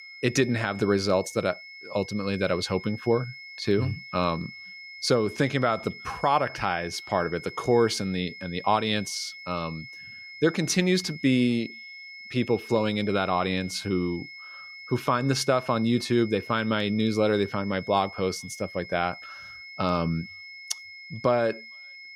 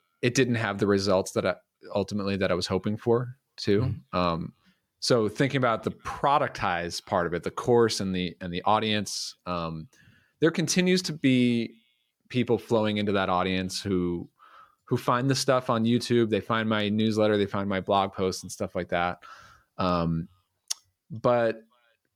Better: second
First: high-pitched whine; noticeable; throughout; 2 kHz, 15 dB below the speech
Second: none

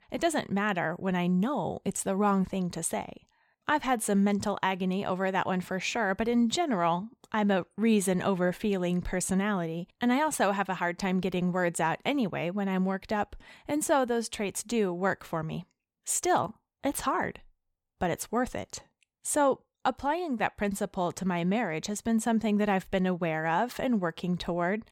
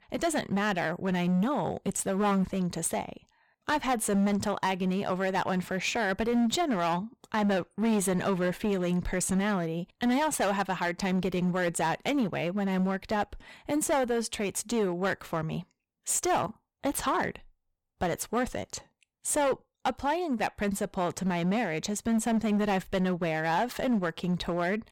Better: first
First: none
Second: distortion; slight; 9% of the sound clipped

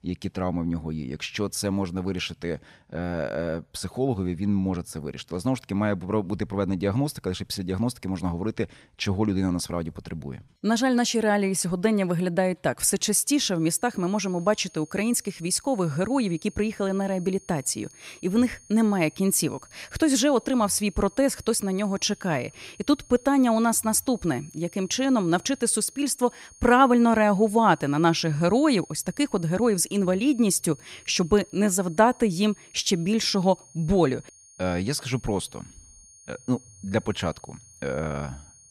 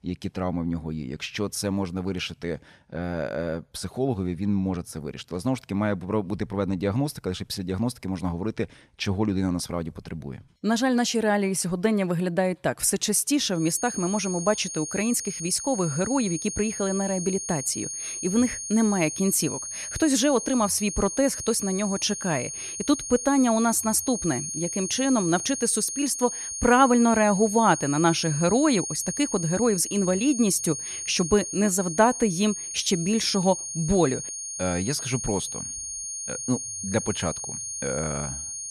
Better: first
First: high-pitched whine; faint; from 14 s on; 6.5 kHz, 25 dB below the speech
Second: high-pitched whine; loud; from 14 s on; 6.5 kHz, 6 dB below the speech

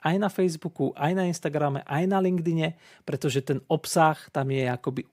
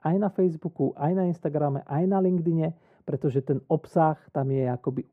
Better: first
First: none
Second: muffled; very; fading above 2 kHz

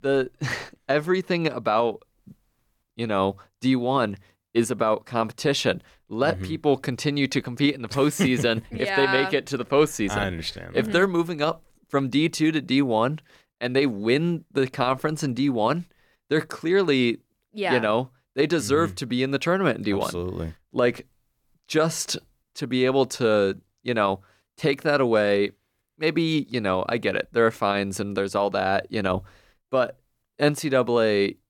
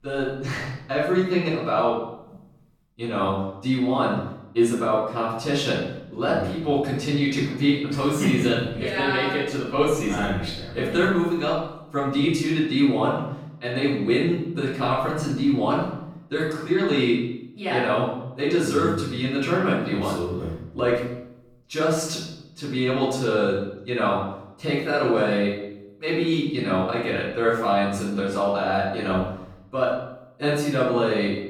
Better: first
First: none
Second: off-mic speech; far // room echo; noticeable; dies away in 0.8 s

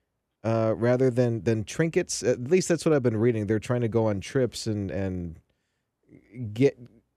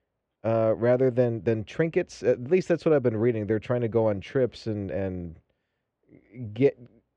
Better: first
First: none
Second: muffled; very; fading above 3 kHz

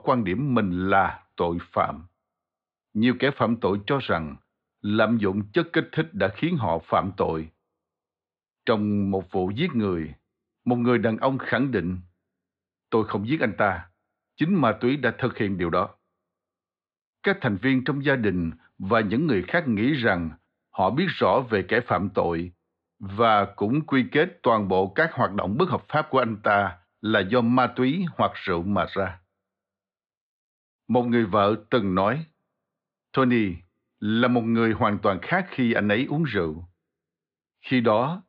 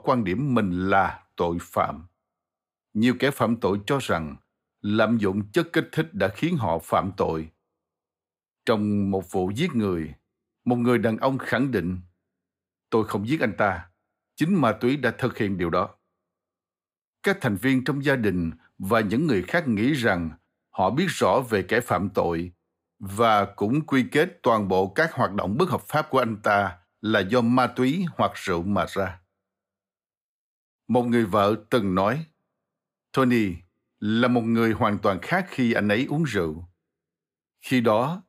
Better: second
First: muffled; very slightly; fading above 4 kHz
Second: none

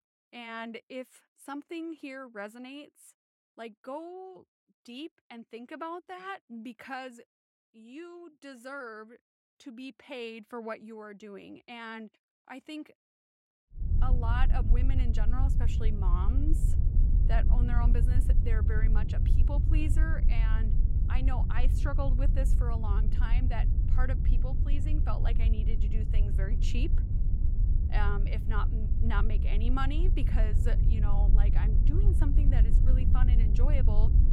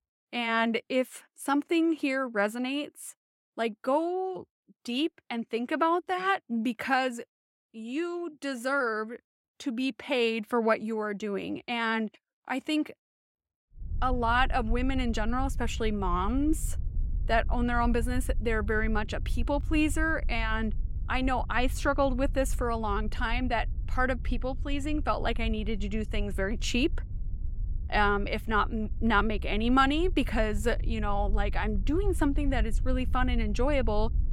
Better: second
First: low rumble; loud; from 14 s on; 5 dB below the speech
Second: low rumble; faint; from 14 s on; 25 dB below the speech

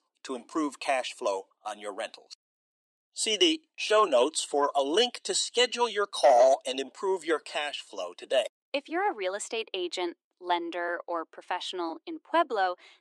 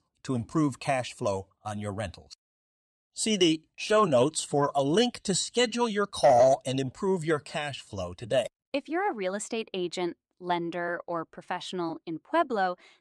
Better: second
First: thin; somewhat; fading below 300 Hz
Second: none

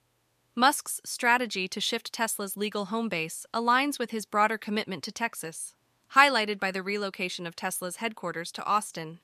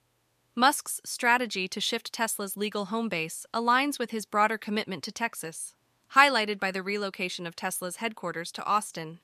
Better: neither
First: none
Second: none

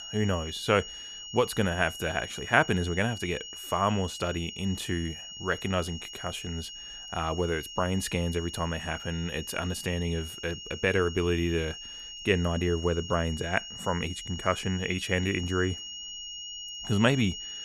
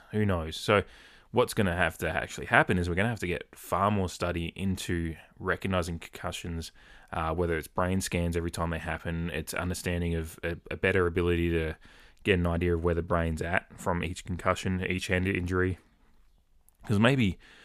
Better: second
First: high-pitched whine; loud; throughout; 3 kHz, 9 dB below the speech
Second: none

